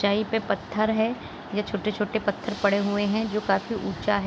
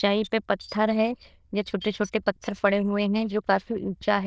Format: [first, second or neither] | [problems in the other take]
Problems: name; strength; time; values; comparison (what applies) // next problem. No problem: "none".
first | noise reduction (neural diffusion model UNIVERSE++)